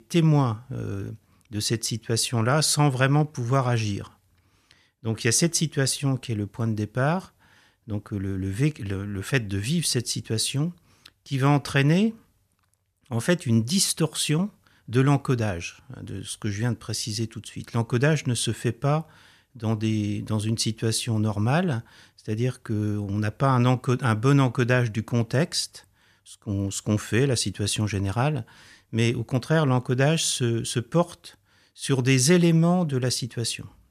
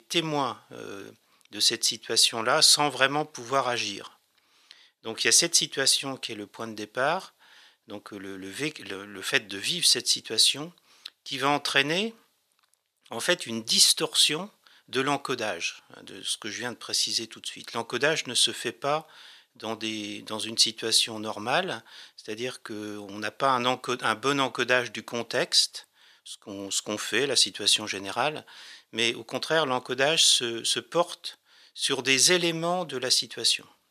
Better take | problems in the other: first | thin; very; fading below 450 Hz

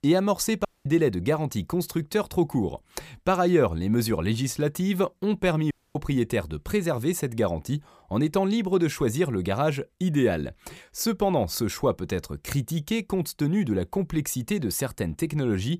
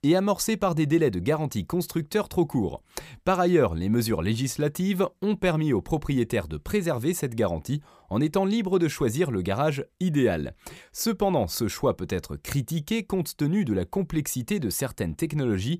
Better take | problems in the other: second | audio cutting out; at 0.5 s and at 5.5 s

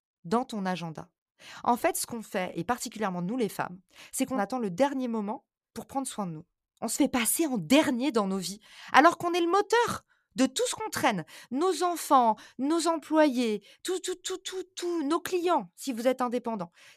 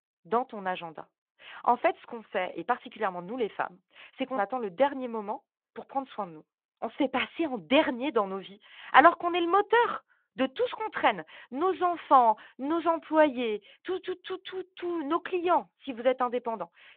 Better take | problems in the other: first | phone-call audio

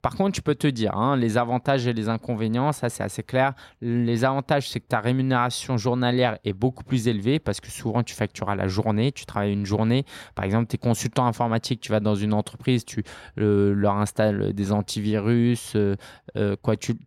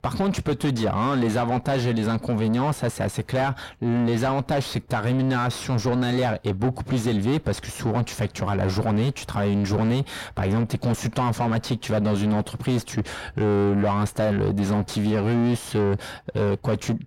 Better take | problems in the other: first | distortion; heavy; 6 dB below the speech

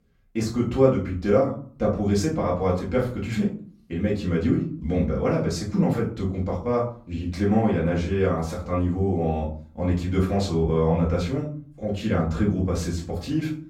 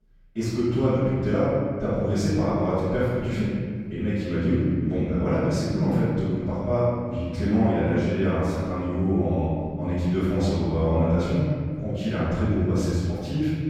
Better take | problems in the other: first | room echo; strong; dies away in 1.9 s; slight in the first // off-mic speech; far; far in the first

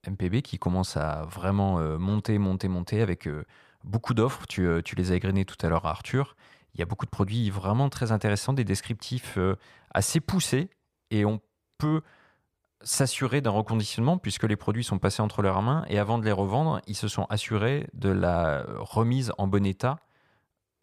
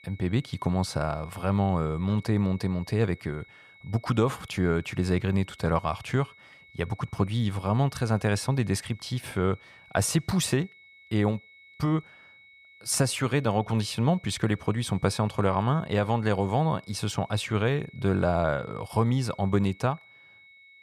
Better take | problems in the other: first | high-pitched whine; faint; throughout; 2 kHz, 25 dB below the speech

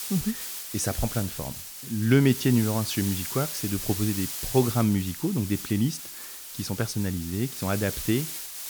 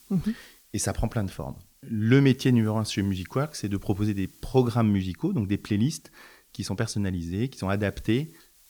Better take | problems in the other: second | hiss; loud; throughout; 6 dB below the speech; faint in the second

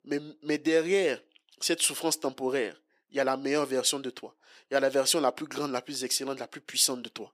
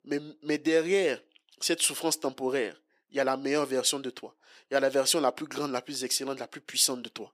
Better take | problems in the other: neither | thin; somewhat; fading below 450 Hz; the same in both

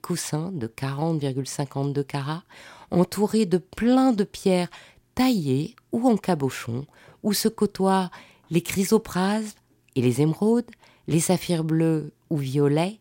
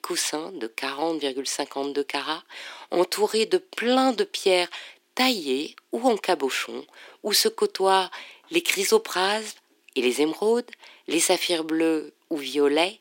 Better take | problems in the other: first | thin; somewhat; fading below 300 Hz

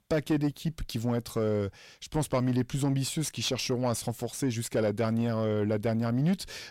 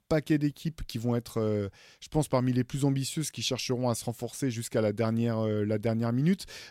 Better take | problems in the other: second | distortion; slight; 10 dB below the speech

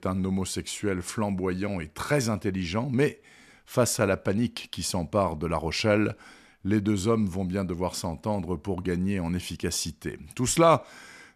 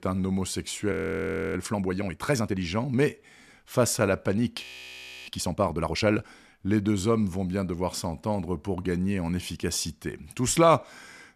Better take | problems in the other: first | audio freezing; at 1 s for 0.5 s and at 4.5 s for 0.5 s

